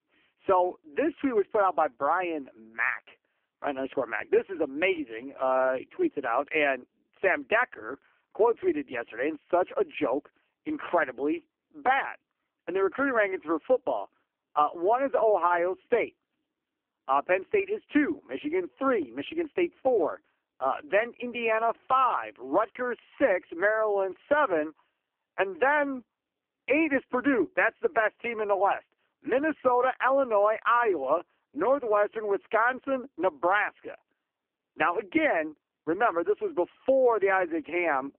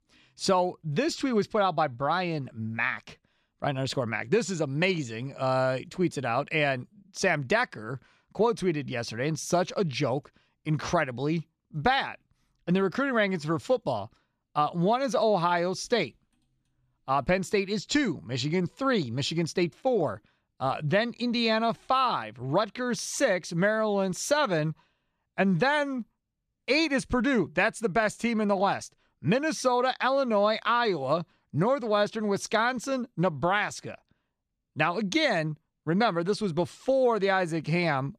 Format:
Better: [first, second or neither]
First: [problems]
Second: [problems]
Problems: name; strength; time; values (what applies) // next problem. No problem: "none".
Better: second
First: phone-call audio; poor line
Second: none